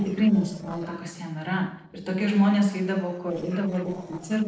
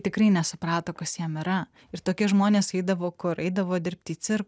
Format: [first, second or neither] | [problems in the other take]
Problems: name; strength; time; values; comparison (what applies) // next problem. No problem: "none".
second | noise reduction (neural separator model SepFormer DNS4)